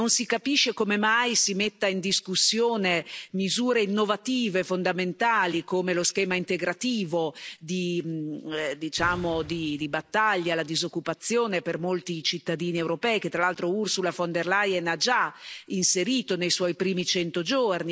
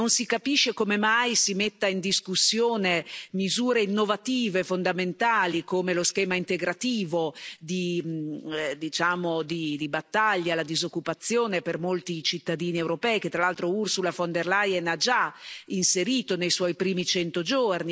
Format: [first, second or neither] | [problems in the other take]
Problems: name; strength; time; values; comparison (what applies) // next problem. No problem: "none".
second | background sound (Boom); 18 dB below the speech